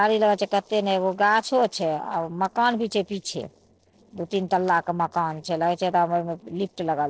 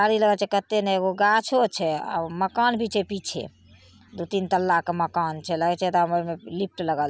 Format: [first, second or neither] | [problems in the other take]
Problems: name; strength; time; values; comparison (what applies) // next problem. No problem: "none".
second | noise reduction (neural separator model SepFormer DNS4)